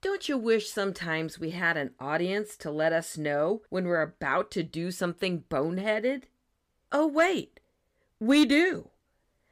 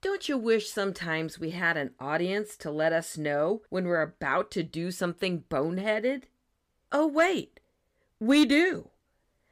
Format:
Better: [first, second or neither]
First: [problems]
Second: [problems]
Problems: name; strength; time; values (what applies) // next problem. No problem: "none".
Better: neither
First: none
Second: none